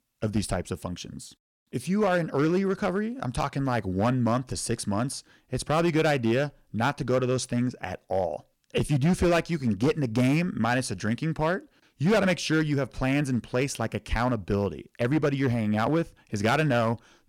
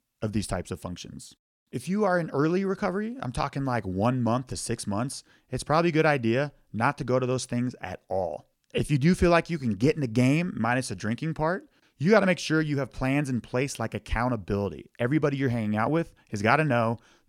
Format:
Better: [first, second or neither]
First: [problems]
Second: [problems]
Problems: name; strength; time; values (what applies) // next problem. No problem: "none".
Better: second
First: distortion; slight; 5% of the sound clipped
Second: none